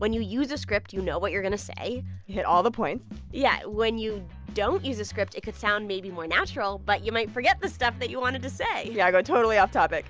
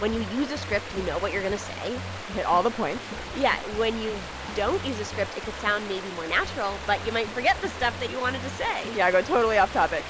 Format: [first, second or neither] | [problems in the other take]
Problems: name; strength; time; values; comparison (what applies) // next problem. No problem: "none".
first | background sound (Stream); 10 dB below the speech